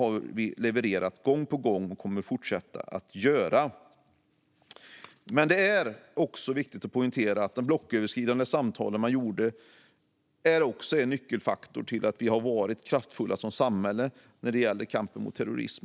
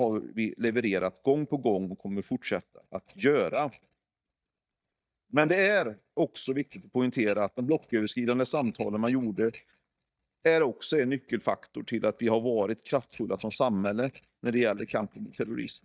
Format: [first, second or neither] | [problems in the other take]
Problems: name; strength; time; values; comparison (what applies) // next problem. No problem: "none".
first | noise reduction (neural mask model DeepFilterNet 3)